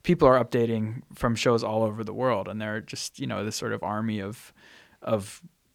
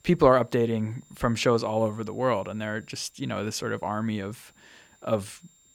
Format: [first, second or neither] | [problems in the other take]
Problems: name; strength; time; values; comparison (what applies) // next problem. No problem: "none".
first | high-pitched whine; faint; throughout; 7.5 kHz, 30 dB below the speech